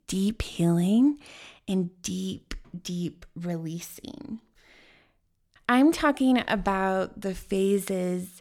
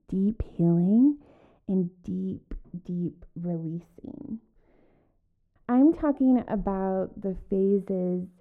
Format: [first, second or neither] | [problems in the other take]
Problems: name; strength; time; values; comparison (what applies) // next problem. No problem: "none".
first | muffled; very; fading above 1.5 kHz